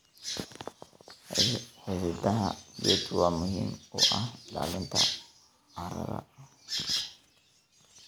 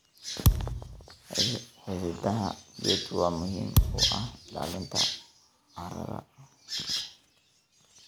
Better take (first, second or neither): first